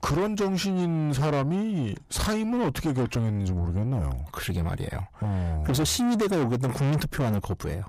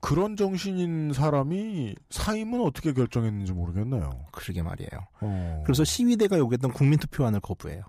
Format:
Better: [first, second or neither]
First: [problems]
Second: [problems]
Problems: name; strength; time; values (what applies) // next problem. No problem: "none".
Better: second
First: distortion; heavy; 7 dB below the speech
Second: none